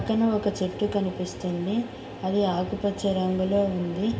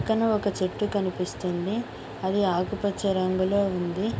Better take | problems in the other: second | room echo; dies away in 1.9 s

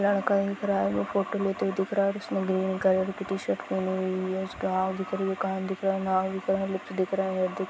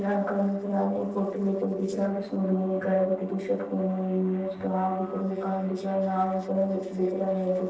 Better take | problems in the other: first | noise reduction (neural separator model SepFormer DNS4)

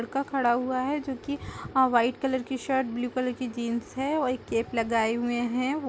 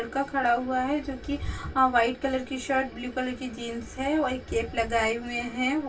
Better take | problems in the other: first | room echo; dies away in 0.1 s

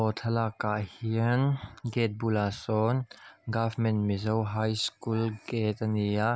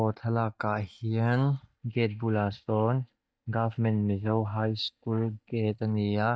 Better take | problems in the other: first | noise reduction (neural mask model DeepFilterNet 3)

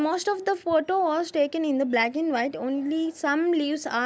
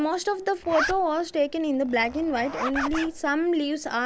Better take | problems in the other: first | background sound (Zipper (clothing)); 10 dB below the speech

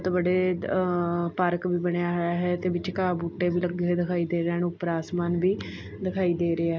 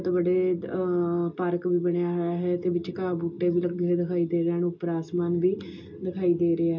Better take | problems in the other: first | room echo; dies away in 0.2 s

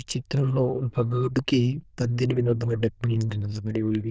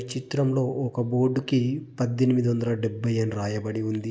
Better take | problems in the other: second | noise reduction (neural diffusion model UNIVERSE++)

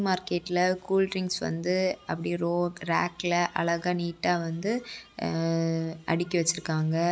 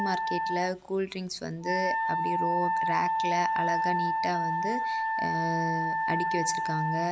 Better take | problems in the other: first | background sound (Wind instrument, woodwind instrument); 4 dB above the speech

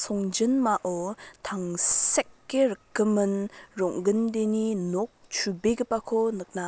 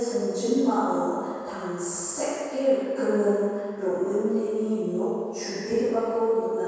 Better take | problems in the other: first | room echo; dies away in 2.2 s

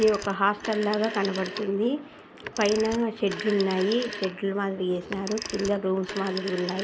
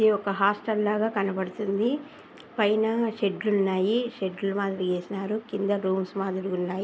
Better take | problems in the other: second | background sound (Telephone); 11 dB below the speech

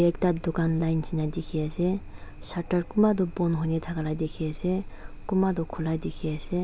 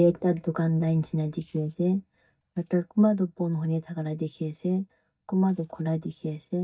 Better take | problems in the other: first | noise reduction (neural mask model DeepFilterNet 3)

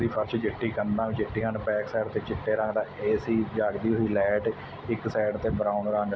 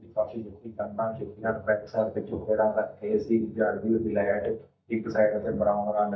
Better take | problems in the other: first | noise reduction (neural mask model DeepFilterNet 3)

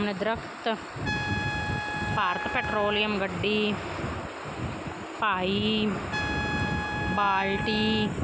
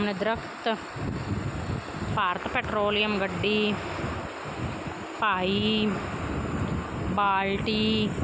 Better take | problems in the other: second | background sound (Trumpet); 8 dB below the speech

